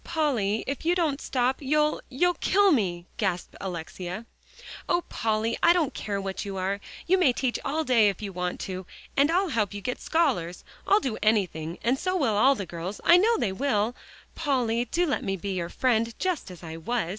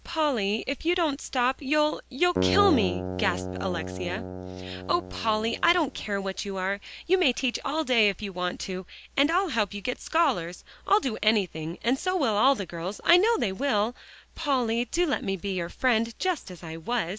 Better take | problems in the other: first | background sound (Keyboard (musical)); 5 dB below the speech

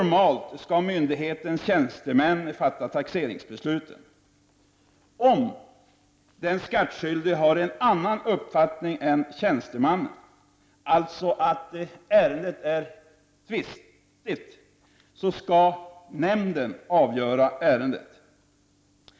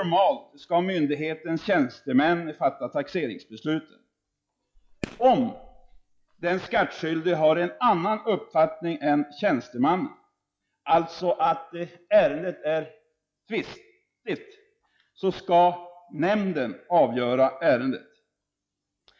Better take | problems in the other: first | noise reduction (classical method log-MMSE)

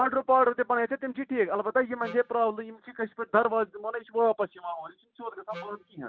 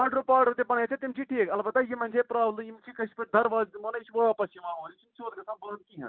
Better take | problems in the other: second | background sound (Wind instrument, woodwind instrument); 17 dB below the speech

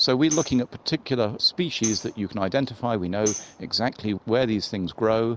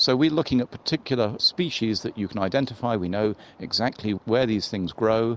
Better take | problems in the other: second | background sound (Tambourine); 13 dB below the speech

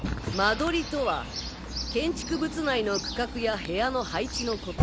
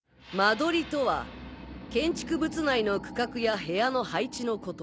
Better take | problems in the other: second | background sound (Chirp, tweet); 5 dB below the speech

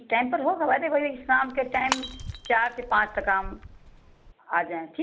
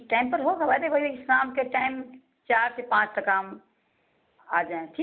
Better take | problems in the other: second | background sound (Shatter / Crushing); 12 dB below the speech

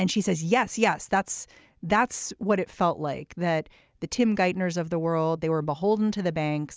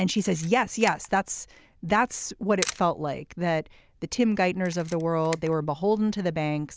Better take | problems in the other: first | background sound (Camera); 17 dB below the speech

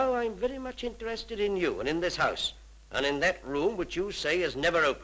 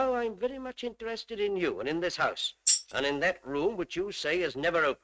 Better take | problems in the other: first | noise reduction (neural mask model RNNoise)

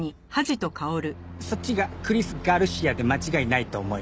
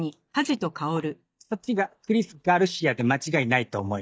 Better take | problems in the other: first | noise reduction (neural mask model DeepFilterNet 3)

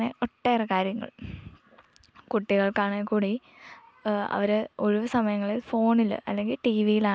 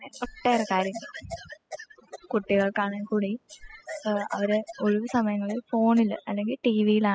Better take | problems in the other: first | noise reduction (classical method spectral subtraction)

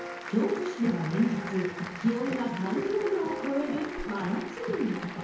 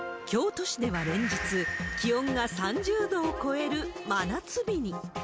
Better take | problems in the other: second | background sound (Applause); 12 dB below the speech // room echo; dies away in 0.9 s

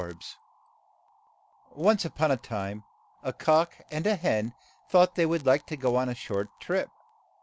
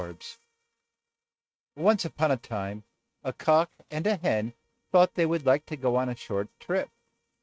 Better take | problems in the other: first | noise reduction (neural mask model RNNoise)

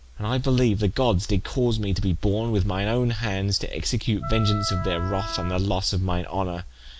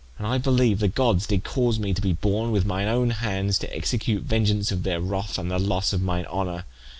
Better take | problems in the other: second | background sound (Wind instrument, woodwind instrument); 11 dB below the speech

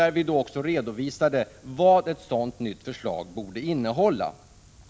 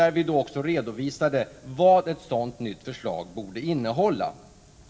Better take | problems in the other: first | room echo; dies away in 0.3 s

